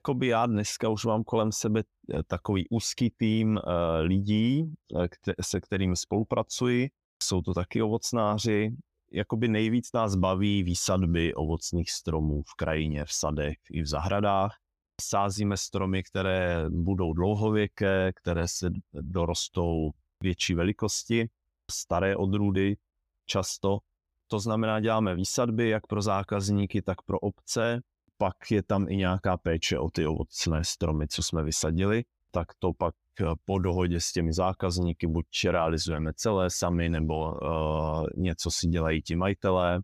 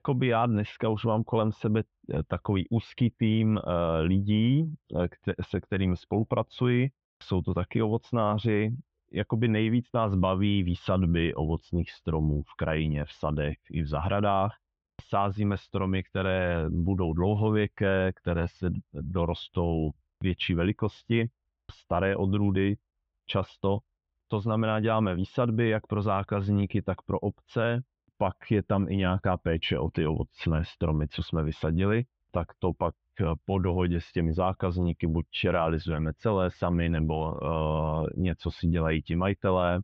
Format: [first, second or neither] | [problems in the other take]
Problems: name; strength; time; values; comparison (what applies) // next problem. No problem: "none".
first | muffled; very; fading above 3.5 kHz